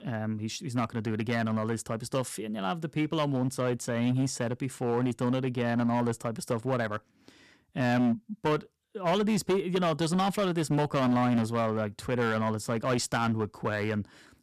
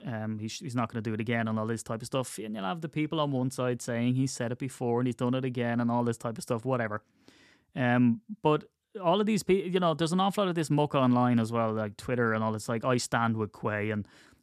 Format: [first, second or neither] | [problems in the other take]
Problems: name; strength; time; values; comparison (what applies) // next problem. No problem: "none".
second | distortion; slight; 8% of the sound clipped